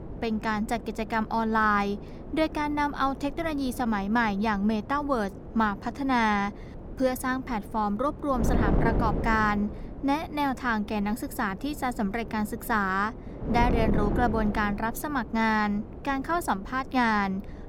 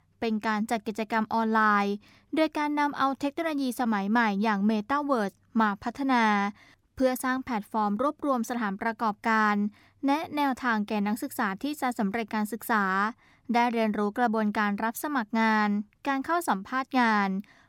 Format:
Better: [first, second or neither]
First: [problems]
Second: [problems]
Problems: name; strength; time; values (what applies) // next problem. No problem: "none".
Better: second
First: wind noise on the microphone; occasional gusts; 15 dB below the speech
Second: none